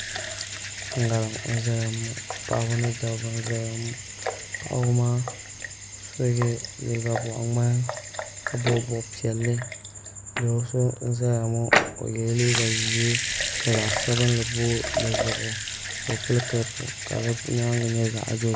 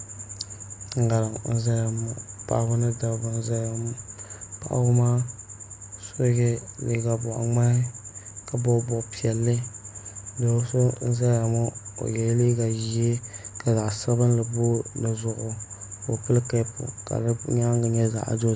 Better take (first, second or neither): second